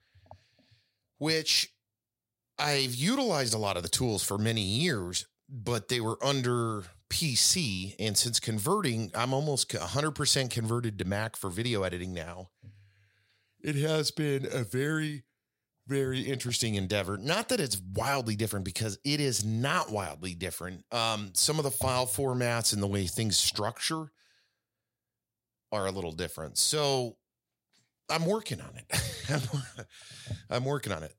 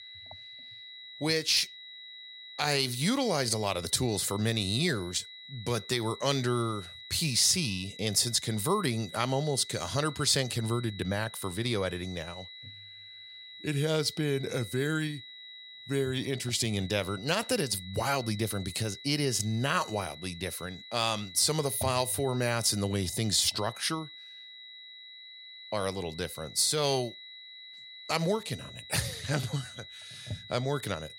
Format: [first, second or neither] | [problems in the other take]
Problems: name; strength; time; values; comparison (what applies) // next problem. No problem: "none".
first | high-pitched whine; noticeable; throughout; 4 kHz, 15 dB below the speech